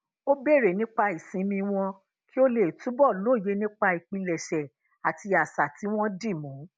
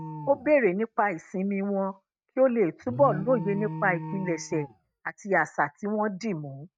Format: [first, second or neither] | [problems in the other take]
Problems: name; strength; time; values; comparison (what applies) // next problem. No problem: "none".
first | noise reduction (neural mask model RNNoise)